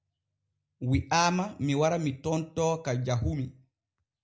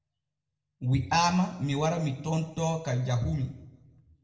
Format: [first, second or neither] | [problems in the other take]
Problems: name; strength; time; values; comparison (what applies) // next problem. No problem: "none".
first | room echo; dies away in 0.7 s